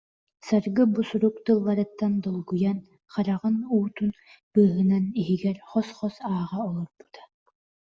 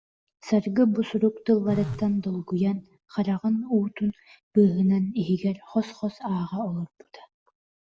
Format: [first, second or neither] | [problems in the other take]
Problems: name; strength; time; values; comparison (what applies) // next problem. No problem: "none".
first | background sound (Telephone); 12 dB below the speech